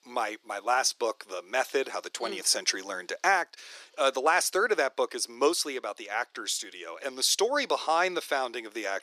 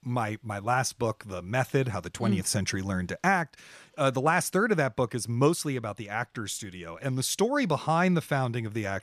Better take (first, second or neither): second